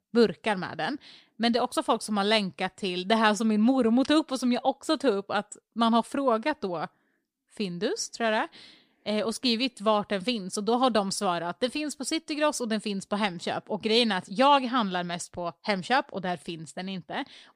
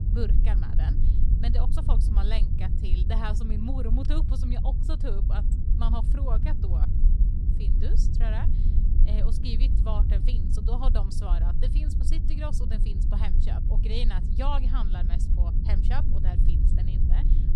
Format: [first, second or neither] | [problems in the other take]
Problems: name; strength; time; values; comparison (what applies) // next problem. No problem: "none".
first | low rumble; loud; throughout; 5 dB below the speech